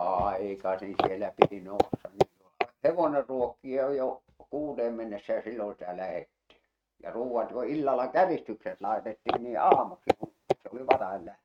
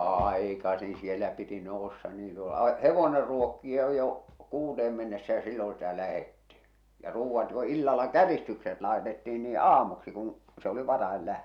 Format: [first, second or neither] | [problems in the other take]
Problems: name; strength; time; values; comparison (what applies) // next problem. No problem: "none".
second | noise reduction (neural mask model RNNoise)